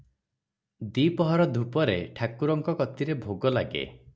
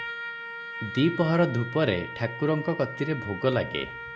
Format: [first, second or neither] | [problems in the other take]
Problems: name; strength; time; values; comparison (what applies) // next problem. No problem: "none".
first | background sound (Trumpet); 10 dB below the speech